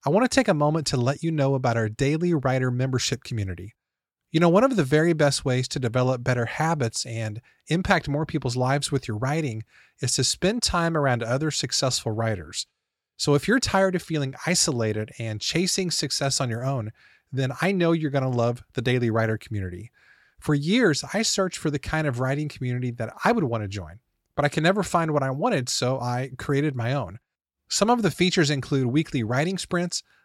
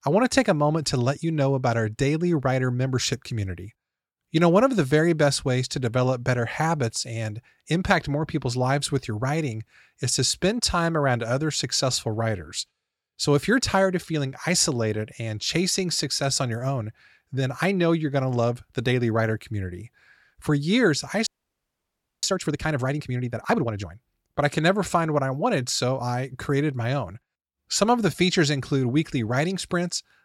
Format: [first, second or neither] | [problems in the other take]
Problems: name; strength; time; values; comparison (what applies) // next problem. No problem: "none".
first | audio freezing; at 21 s for 1 s